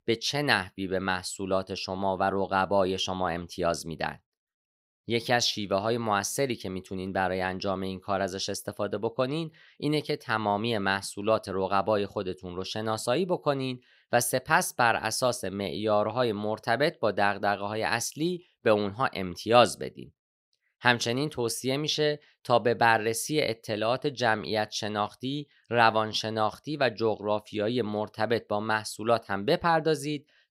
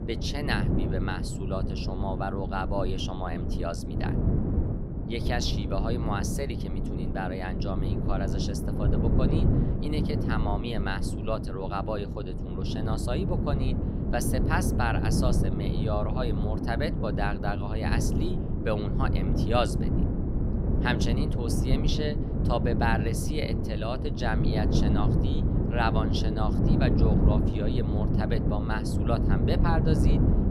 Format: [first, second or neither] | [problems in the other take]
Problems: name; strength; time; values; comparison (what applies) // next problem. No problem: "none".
first | wind noise on the microphone; heavy; 3 dB below the speech